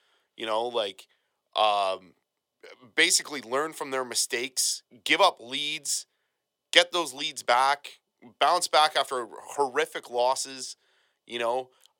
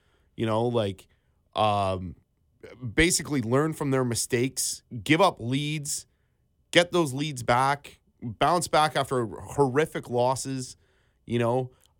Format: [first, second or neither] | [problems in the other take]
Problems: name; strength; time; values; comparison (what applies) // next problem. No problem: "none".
second | thin; very; fading below 600 Hz